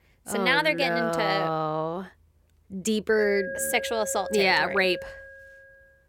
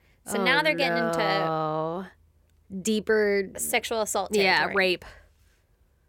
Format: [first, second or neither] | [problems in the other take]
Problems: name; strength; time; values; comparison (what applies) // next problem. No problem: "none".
second | alarm; noticeable; from 3 s on; peak 8 dB below the speech